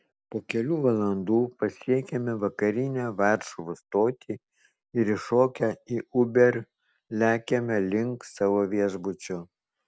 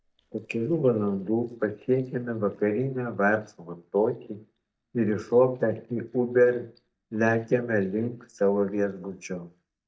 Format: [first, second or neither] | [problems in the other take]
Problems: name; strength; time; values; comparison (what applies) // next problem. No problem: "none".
first | noise reduction (neural mask model DeepFilterNet 3)